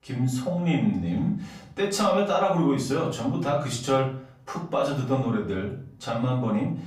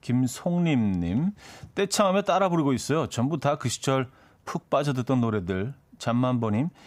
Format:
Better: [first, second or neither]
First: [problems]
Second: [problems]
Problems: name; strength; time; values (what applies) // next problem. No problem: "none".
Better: second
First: off-mic speech; far // room echo; slight; dies away in 0.4 s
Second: none